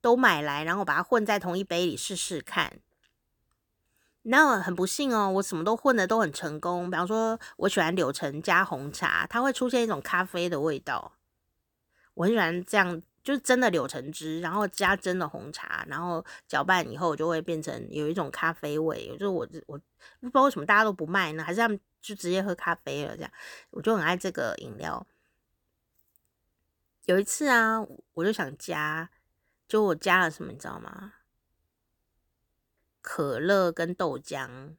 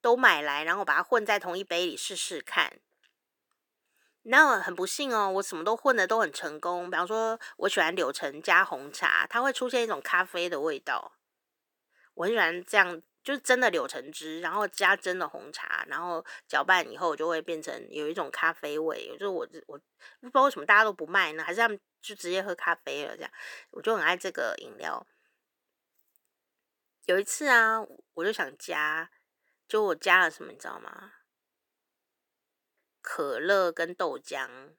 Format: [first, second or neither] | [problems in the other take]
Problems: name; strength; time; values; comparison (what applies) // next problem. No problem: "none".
first | thin; somewhat; fading below 400 Hz